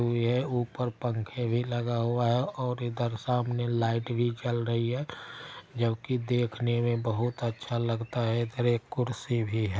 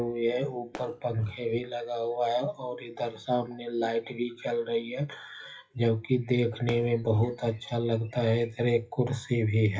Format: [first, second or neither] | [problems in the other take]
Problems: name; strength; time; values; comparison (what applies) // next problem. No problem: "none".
first | noise reduction (classical method WPE with log-MMSE)